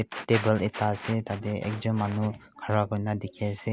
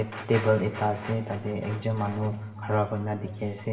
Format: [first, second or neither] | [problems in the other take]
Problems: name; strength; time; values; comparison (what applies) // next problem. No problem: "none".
first | room echo; dies away in 1.8 s